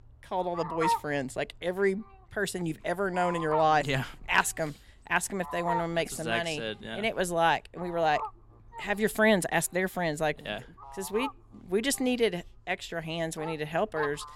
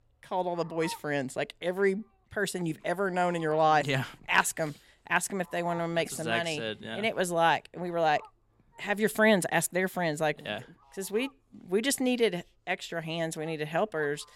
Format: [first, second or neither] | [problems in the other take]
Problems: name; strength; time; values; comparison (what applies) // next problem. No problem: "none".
second | animal sounds; loud; throughout; 8 dB below the speech; faint in the second